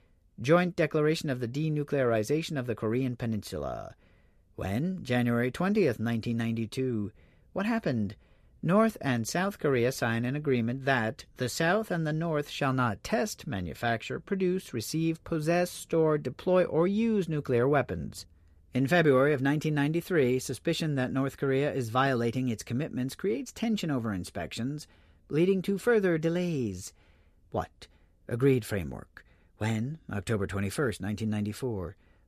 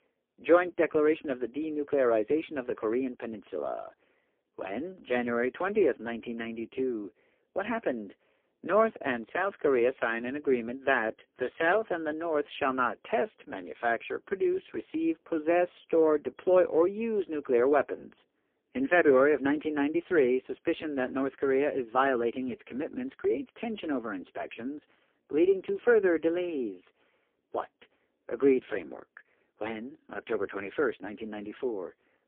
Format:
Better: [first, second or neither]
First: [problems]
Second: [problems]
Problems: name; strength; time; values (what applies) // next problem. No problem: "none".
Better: first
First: none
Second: phone-call audio; poor line